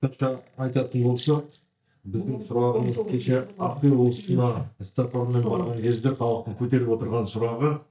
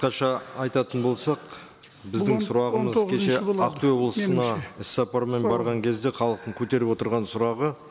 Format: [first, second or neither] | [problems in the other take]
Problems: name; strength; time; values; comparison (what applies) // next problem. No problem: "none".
second | noise reduction (neural mask model DeepFilterNet 3)